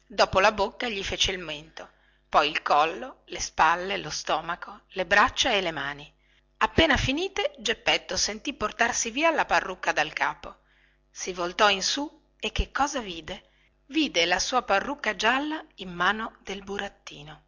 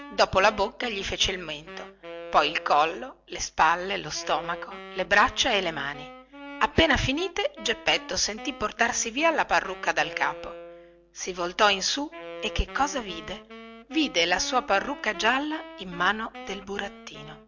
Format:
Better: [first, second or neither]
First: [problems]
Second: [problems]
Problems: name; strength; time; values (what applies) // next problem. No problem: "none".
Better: first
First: none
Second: background sound (Wind instrument, woodwind instrument); 16 dB below the speech